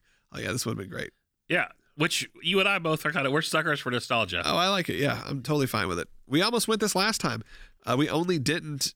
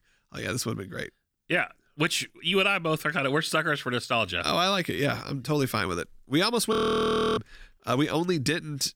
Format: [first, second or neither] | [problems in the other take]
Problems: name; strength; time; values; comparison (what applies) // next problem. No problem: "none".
first | audio freezing; at 6.5 s for 0.5 s